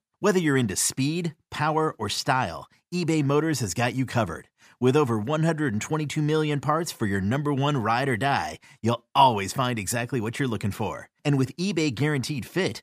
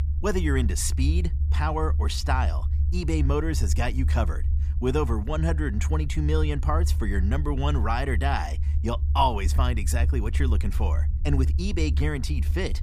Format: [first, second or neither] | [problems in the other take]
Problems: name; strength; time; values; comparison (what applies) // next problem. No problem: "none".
first | low rumble; noticeable; throughout; 15 dB below the speech